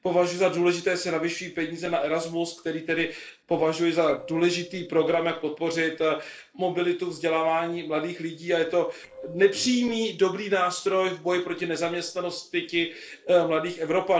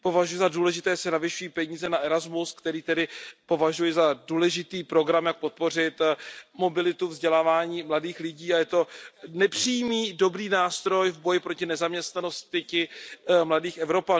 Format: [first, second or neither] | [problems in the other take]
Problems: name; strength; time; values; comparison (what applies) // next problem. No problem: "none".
second | noise reduction (neural separator model SepFormer DNS4)